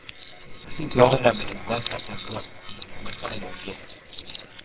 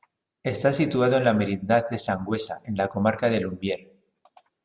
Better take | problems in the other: second | noise reduction (neural separator model SepFormer WHAMR!)

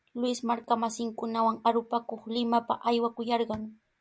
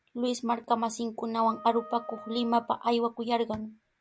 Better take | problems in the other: first | background sound (Wind instrument, woodwind instrument); 19 dB below the speech

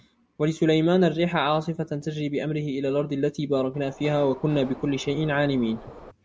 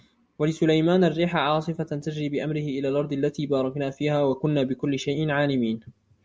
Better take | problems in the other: second | background sound (Subway, metro, underground); 17 dB below the speech

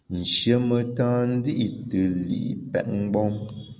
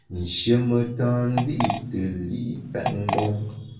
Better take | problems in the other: first | background sound (Fart); 6 dB below the speech // room echo; dies away in 0.3 s

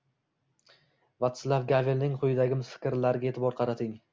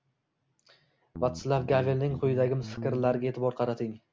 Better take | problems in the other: first | background sound (Guitar); 10 dB below the speech

